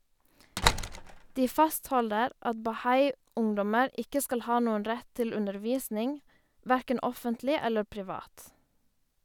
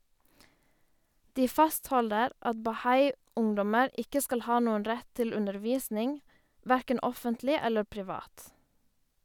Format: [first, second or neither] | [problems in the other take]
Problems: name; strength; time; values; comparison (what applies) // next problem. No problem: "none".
second | background sound (Slam); 3 dB below the speech